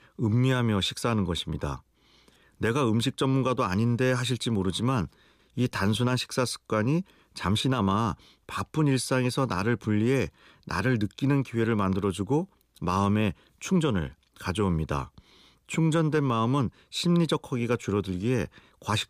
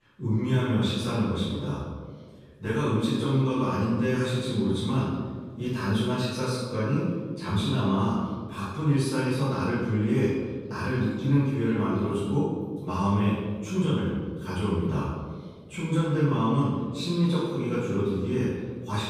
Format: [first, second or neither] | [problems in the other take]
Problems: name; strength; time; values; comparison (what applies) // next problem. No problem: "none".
first | off-mic speech; far // room echo; strong; dies away in 1.5 s